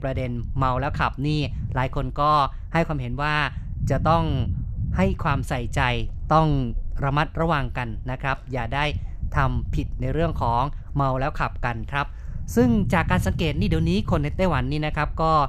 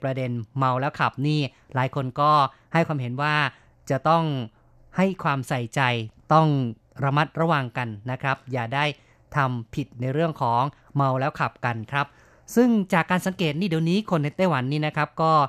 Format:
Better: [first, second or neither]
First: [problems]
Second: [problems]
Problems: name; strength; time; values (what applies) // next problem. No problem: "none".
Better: second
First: low rumble; faint; throughout; 20 dB below the speech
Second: none